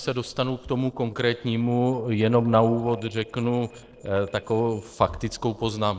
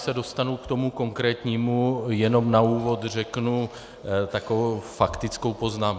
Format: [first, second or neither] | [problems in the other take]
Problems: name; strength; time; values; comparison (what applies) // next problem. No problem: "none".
second | noise reduction (neural separator model SepFormer DNS4)